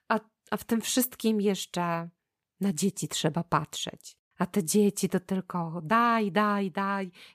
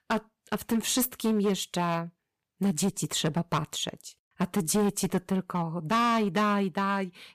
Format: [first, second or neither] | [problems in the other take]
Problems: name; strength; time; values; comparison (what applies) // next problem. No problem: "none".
first | distortion; slight; 8% of the sound clipped